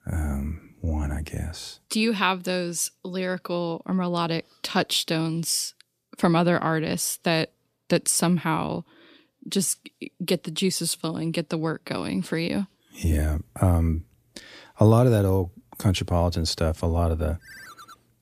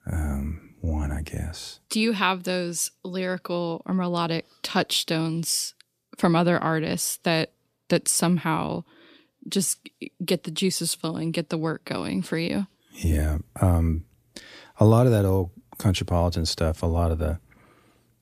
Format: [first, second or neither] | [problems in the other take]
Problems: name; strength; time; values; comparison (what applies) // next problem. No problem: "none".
second | phone ringing; faint; at 17 s; peak 20 dB below the speech